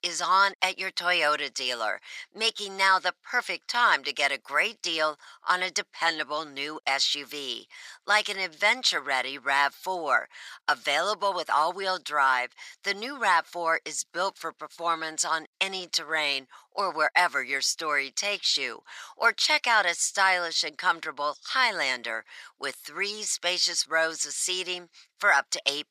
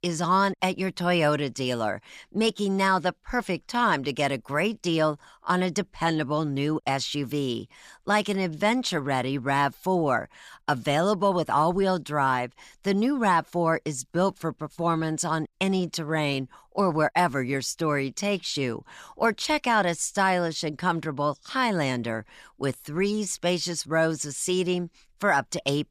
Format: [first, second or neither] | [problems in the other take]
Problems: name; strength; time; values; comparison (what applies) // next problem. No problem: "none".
second | thin; very; fading below 650 Hz